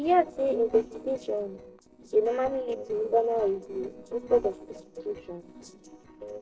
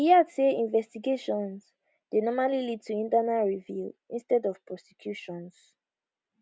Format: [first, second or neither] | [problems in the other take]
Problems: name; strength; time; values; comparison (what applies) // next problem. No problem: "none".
second | noise reduction (neural separator model SepFormer DNS4)